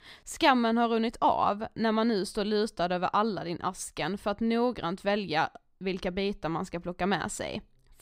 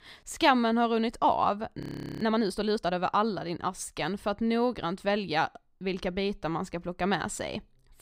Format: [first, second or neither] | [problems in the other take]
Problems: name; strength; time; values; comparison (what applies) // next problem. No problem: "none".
first | audio freezing; at 2 s